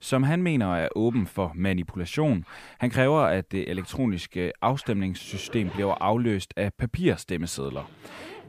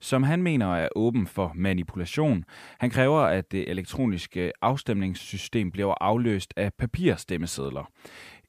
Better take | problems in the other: second | household noises; faint; throughout; 20 dB below the speech

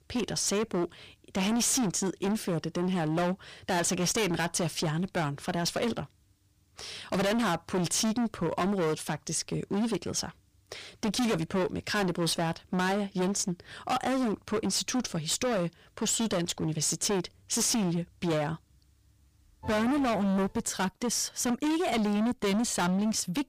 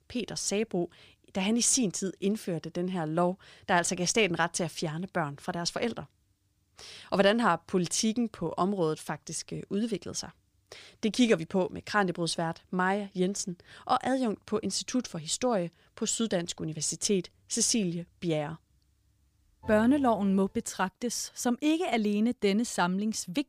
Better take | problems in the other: second | distortion; heavy; 22% of the sound clipped

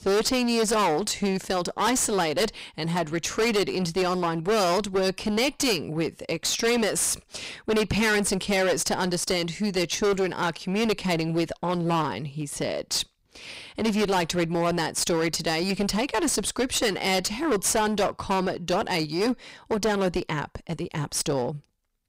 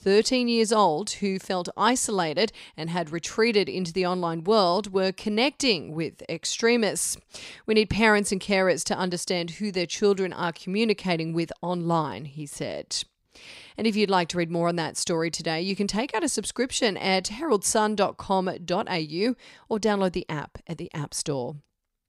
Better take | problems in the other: second | distortion; heavy; 18% of the sound clipped

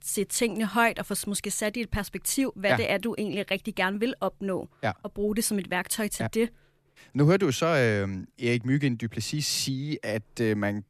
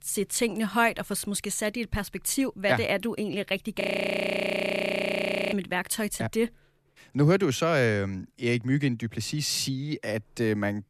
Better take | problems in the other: first | audio freezing; at 4 s for 1.5 s

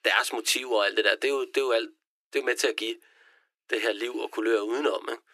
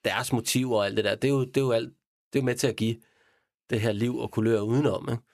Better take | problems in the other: second | thin; very; fading below 300 Hz

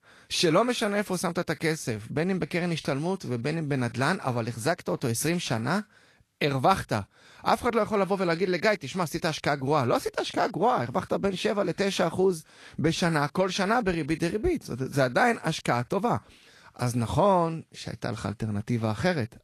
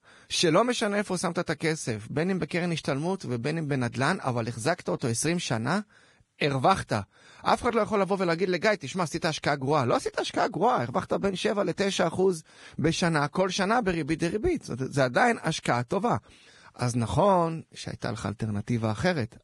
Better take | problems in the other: first | garbled, watery; badly; nothing above 10.5 kHz; slightly in the first

